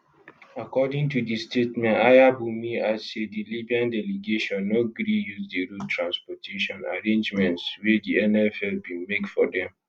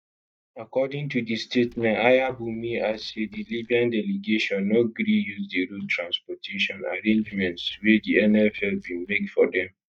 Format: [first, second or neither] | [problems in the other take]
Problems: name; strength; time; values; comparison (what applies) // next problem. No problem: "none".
first | noise reduction (neural mask model DeepFilterNet 3)